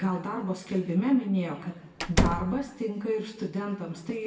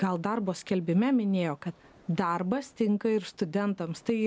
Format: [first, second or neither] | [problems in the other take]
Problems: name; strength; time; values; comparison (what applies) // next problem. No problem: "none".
second | background sound (Slam); 2 dB above the speech // room echo; dies away in 0.9 s